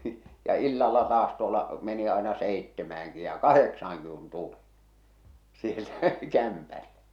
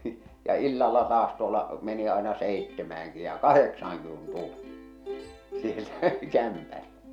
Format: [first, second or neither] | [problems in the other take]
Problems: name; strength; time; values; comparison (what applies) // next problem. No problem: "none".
first | background sound (Plucked string instrument); 16 dB below the speech